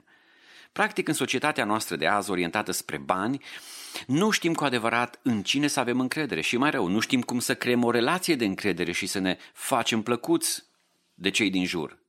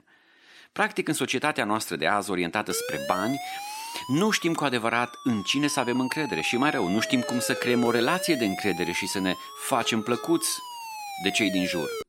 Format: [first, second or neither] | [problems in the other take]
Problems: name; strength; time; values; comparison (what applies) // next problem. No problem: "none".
first | siren; noticeable; from 2.5 s on; peak 6 dB below the speech